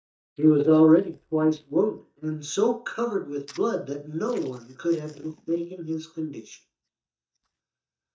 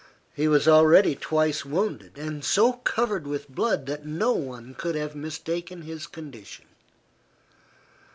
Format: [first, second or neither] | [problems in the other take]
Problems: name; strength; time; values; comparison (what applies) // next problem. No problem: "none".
second | noise reduction (neural mask model DeepFilterNet 3)